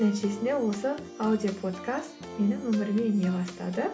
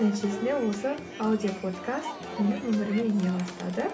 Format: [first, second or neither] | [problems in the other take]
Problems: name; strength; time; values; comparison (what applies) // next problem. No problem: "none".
first | background sound (Crowd); 13 dB below the speech